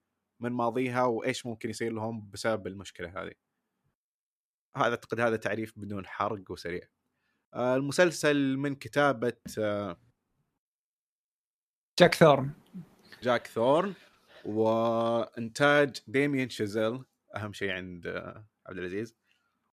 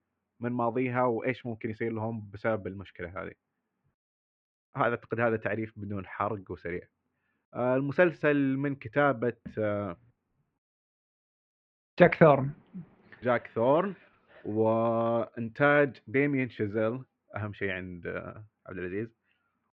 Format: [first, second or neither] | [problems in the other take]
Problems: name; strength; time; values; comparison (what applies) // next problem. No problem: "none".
first | muffled; very; fading above 2.5 kHz